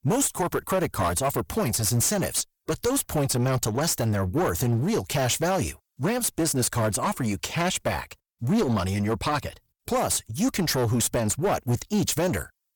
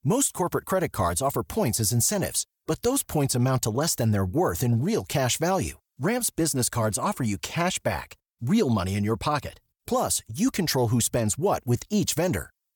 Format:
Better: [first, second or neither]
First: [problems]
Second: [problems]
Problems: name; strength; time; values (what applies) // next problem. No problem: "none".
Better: second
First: distortion; slight; 14% of the sound clipped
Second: none